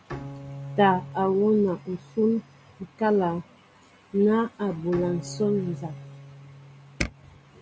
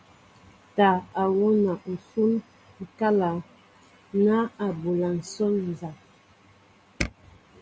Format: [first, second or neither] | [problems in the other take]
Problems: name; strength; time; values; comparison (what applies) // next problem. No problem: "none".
second | background sound (Bowed string instrument); 15 dB below the speech